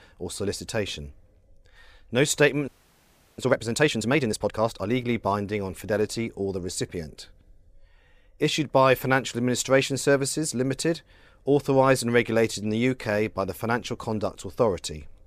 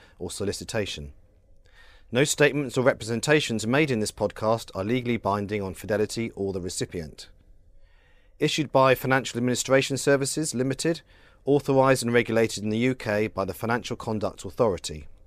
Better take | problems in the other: second | audio freezing; at 2.5 s for 0.5 s

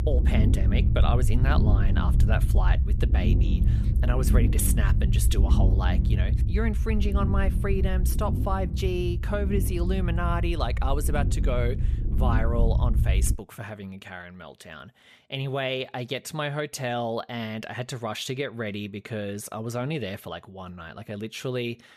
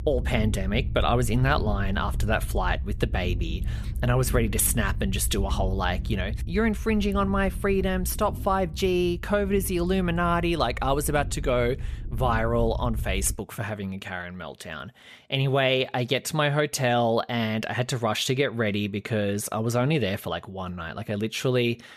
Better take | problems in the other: second | low rumble; loud; until 13 s; 7 dB below the speech; faint in the second

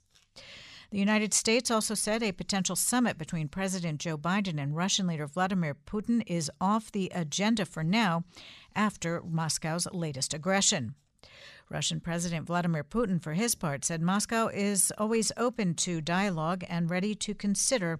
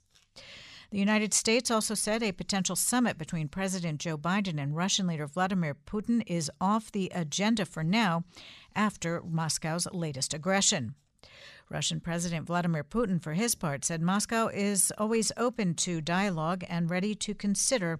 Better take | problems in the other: neither | none

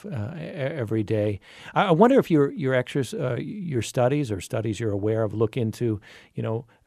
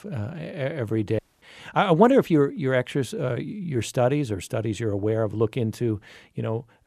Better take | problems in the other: first | audio cutting out; at 1 s

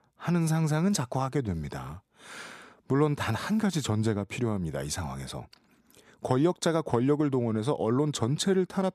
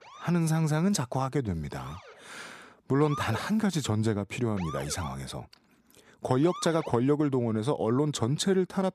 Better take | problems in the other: first | siren; noticeable; until 7 s; peak 9 dB below the speech

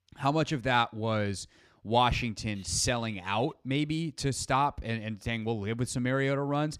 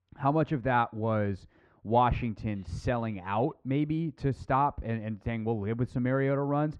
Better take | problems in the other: first | muffled; very; fading above 3.5 kHz

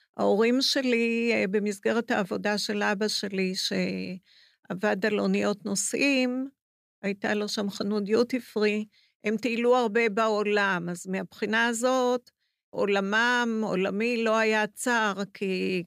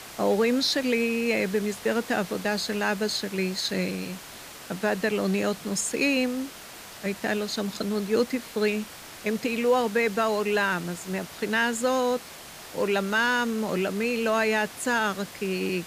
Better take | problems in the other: first | hiss; noticeable; throughout; 15 dB below the speech

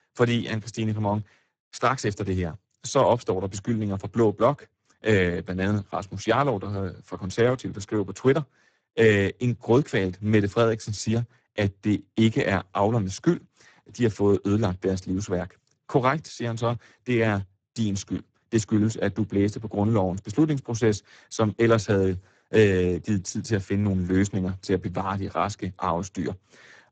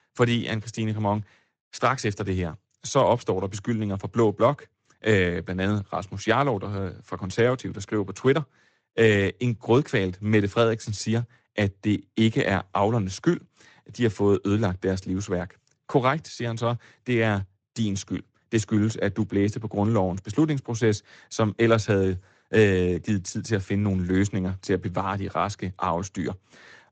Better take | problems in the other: second | garbled, watery; badly; nothing above 7.5 kHz; slightly in the second

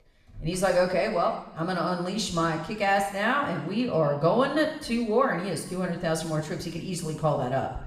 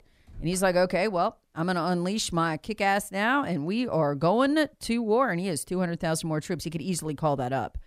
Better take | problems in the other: second | room echo; noticeable; dies away in 1 s // off-mic speech; somewhat distant

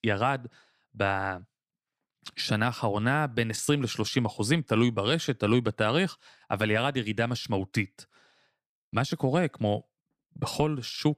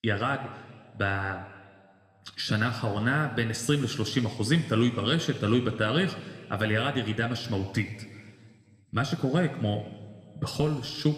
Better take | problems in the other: first | room echo; slight; dies away in 1.8 s

